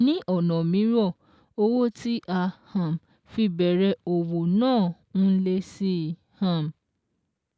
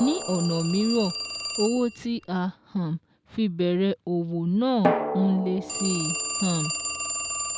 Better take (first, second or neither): first